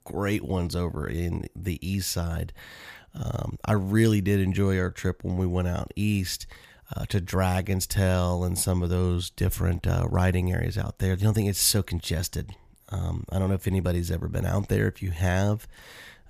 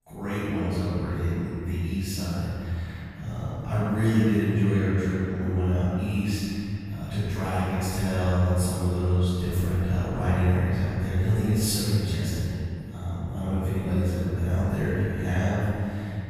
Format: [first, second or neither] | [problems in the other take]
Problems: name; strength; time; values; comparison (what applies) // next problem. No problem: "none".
first | room echo; strong; dies away in 2.6 s // off-mic speech; far